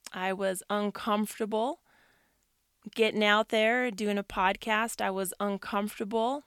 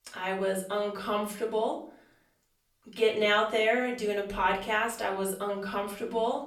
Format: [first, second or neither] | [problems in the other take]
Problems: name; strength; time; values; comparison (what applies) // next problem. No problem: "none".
first | room echo; slight; dies away in 0.5 s // off-mic speech; far